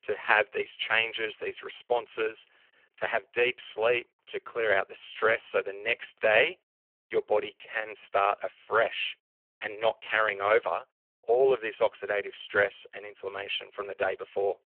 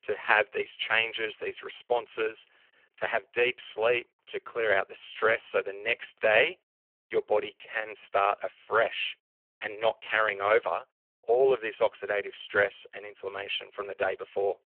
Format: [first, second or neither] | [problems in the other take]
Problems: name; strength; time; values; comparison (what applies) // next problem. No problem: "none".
neither | phone-call audio; poor line; the same in both